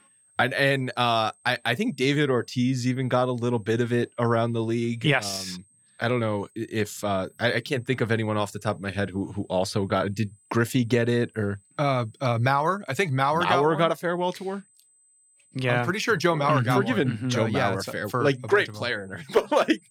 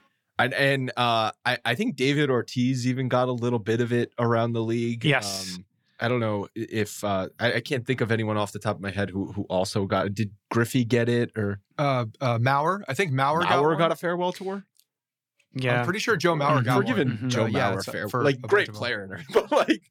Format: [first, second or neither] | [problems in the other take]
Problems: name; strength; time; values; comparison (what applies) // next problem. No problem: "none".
second | high-pitched whine; faint; throughout; 8 kHz, 35 dB below the speech